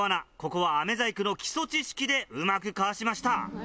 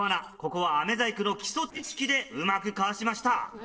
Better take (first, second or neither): first